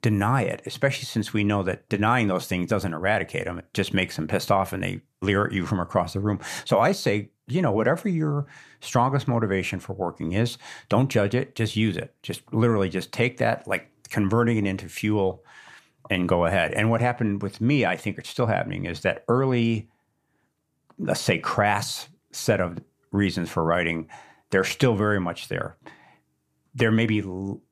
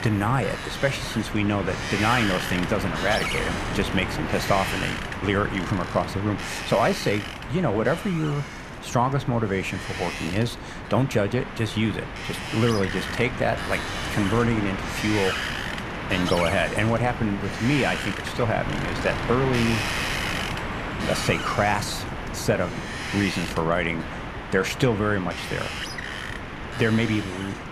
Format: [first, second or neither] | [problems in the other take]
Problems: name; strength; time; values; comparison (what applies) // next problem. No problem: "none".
first | wind noise on the microphone; heavy; 3 dB below the speech